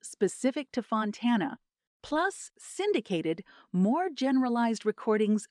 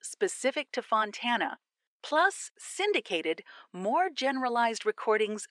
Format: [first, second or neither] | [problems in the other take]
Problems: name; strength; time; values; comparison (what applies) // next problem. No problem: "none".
first | thin; somewhat; fading below 550 Hz